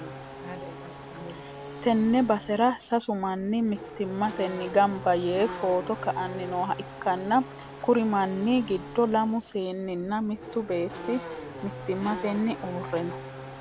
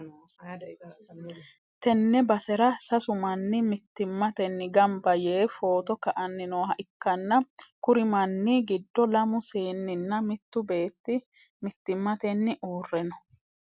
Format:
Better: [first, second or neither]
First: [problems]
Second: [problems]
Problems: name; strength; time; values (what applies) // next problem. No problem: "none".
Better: second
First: background sound (Race car, auto racing / Accelerating, revving, vroom); 12 dB below the speech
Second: none